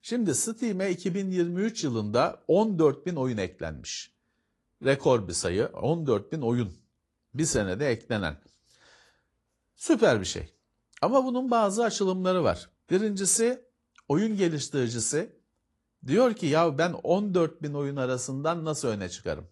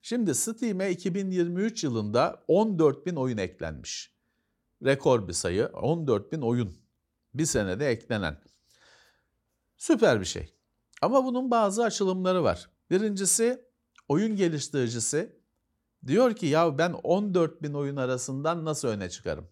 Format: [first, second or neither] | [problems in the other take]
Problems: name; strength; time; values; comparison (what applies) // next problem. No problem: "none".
second | garbled, watery; slightly; nothing above 11 kHz